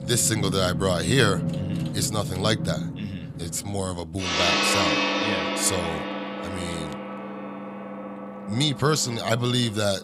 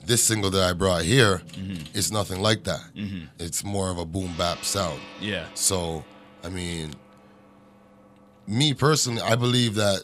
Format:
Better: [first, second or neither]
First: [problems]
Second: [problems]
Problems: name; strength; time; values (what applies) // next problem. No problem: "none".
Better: second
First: background music; loud; throughout; 2 dB below the speech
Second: background music; faint; throughout; 20 dB below the speech